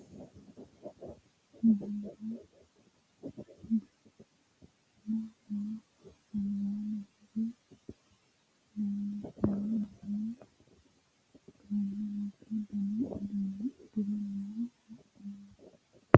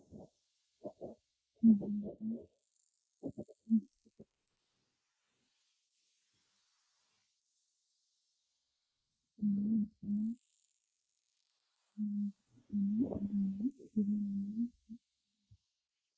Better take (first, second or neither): first